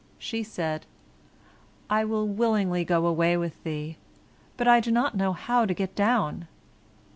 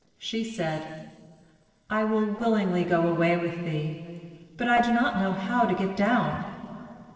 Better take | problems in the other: first | noise reduction (neural separator model SepFormer DNS4)

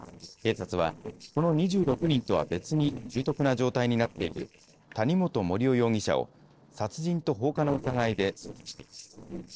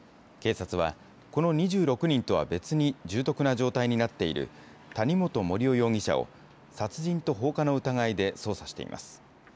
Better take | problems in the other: second | noise reduction (neural separator model SepFormer DNS4)

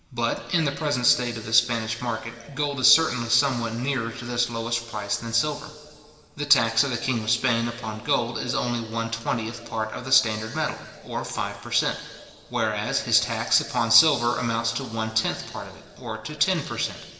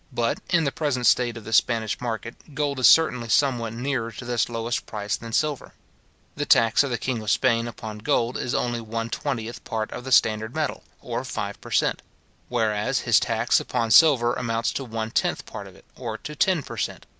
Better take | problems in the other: second | room echo; dies away in 2 s

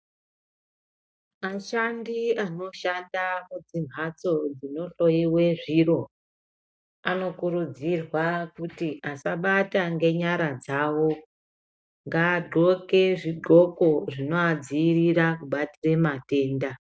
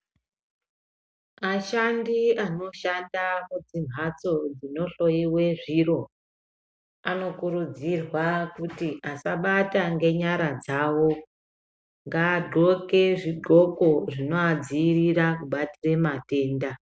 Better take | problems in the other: second | noise reduction (neural mask model DeepFilterNet 3)

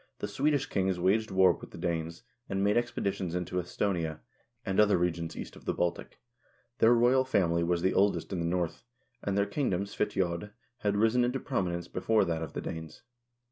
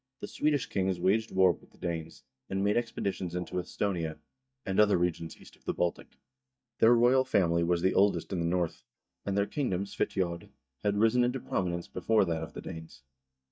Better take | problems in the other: first | noise reduction (neural mask model DeepFilterNet 3)

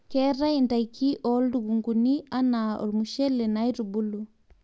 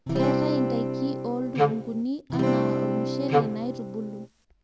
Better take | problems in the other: first | background sound (Wind instrument, woodwind instrument + Acoustic guitar / Strum); 4 dB above the speech

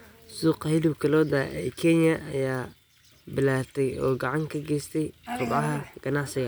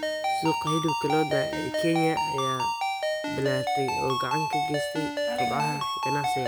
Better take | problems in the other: first | background sound (Ringtone); 2 dB above the speech

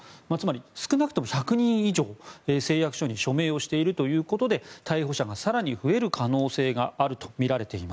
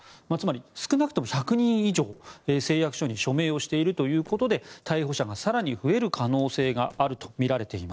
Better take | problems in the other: first | noise reduction (neural separator model SepFormer DNS4)

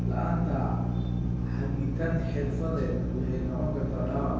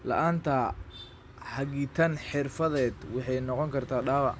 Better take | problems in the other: second | background sound (Drill); 4 dB above the speech // room echo; dies away in 1.2 s

